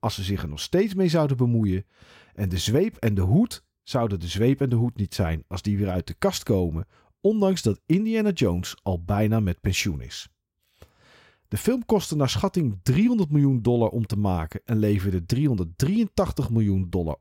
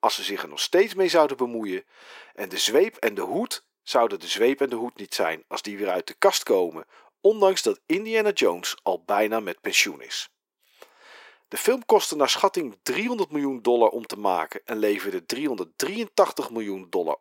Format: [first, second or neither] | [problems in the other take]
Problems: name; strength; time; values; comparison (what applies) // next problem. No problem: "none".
first | thin; very; fading below 350 Hz